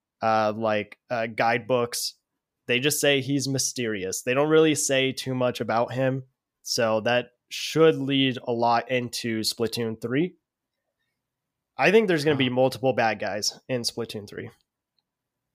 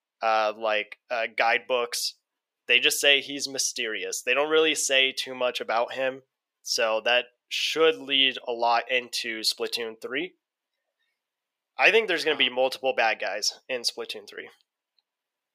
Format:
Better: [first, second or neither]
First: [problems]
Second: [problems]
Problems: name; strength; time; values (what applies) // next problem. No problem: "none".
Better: first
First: none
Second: thin; somewhat; fading below 500 Hz